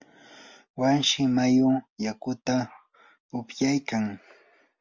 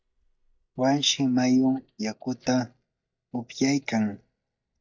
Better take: first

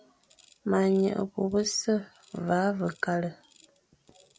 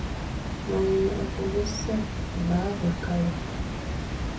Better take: first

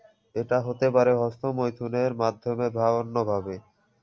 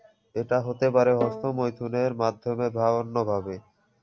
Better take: first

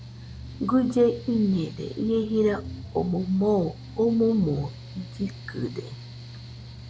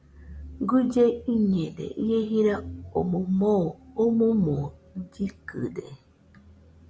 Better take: second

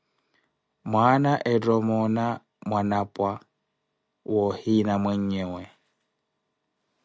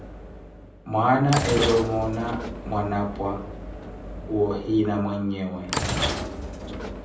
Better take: first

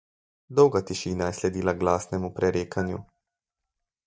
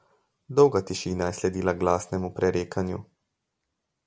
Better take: second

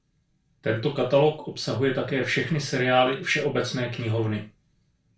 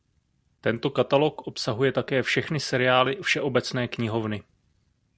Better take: second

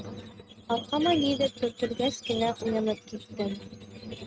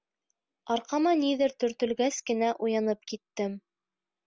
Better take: second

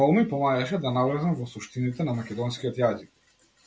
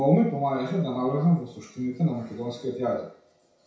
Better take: first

